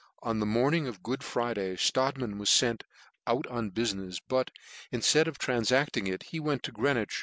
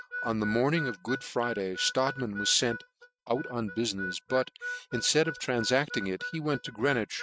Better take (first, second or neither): first